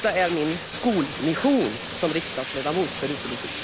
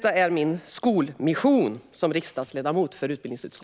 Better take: second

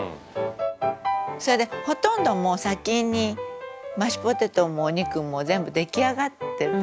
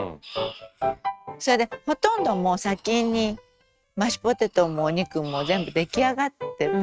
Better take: first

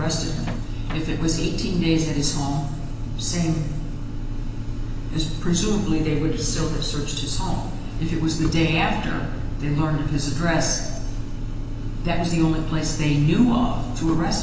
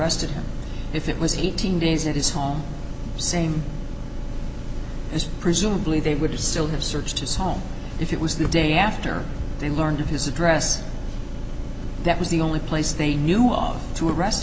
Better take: second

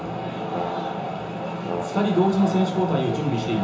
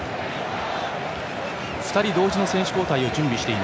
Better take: second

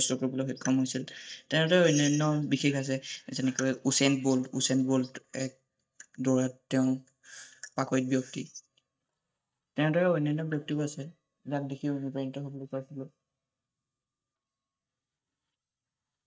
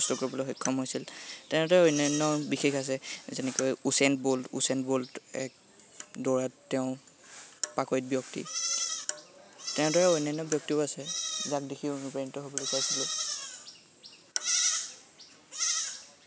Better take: second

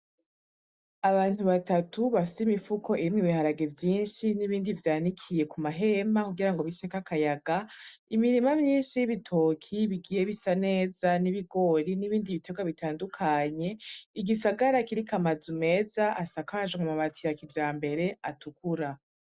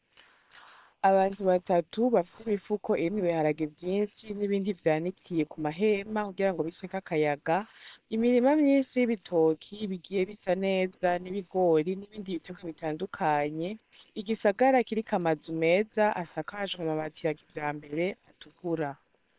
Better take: first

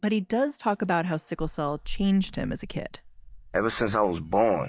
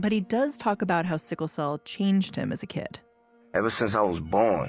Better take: second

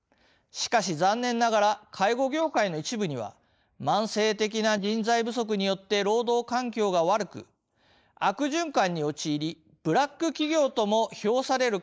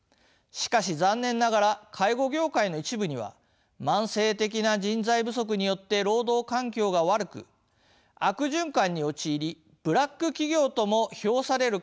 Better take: second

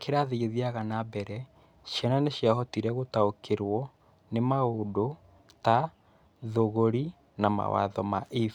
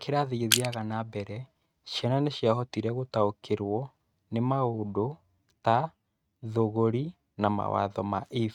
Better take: first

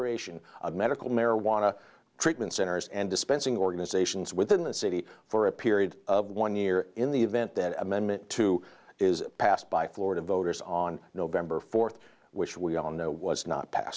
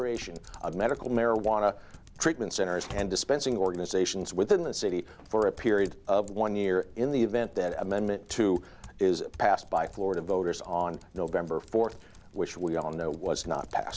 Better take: first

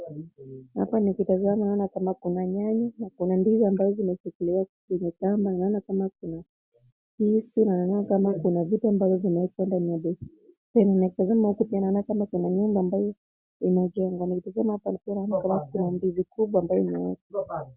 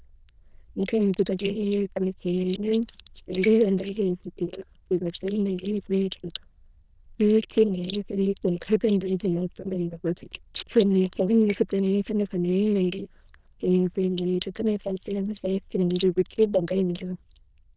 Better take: first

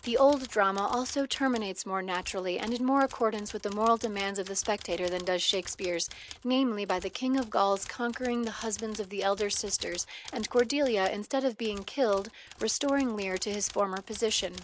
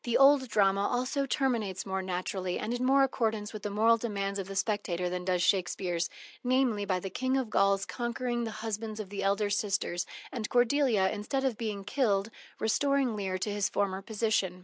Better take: second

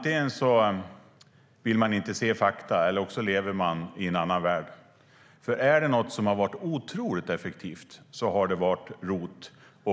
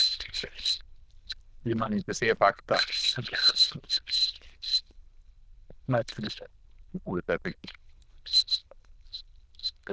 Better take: first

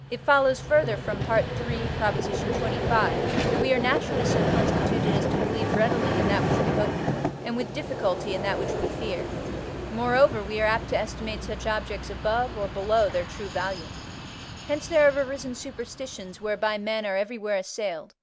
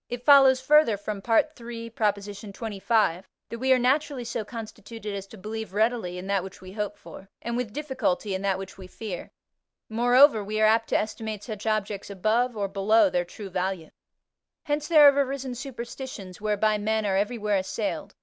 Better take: second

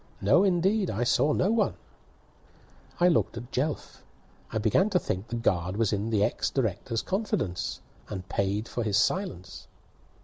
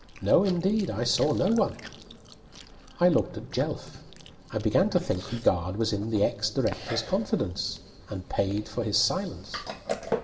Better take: first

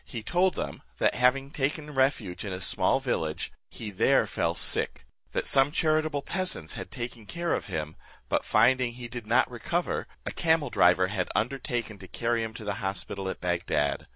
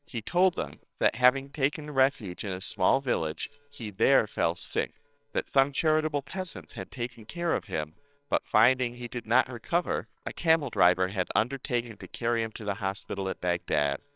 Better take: first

